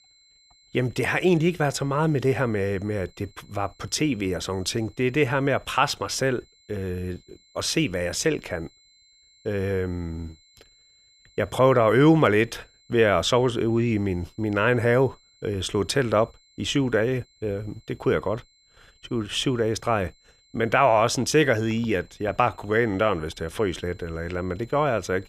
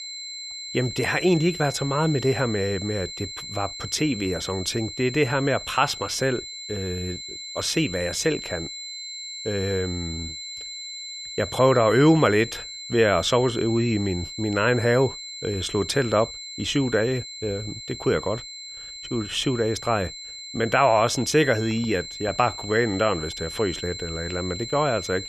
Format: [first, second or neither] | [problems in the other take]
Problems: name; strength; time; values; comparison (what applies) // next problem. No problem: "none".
first | high-pitched whine; loud; throughout; 4 kHz, 10 dB below the speech; faint in the first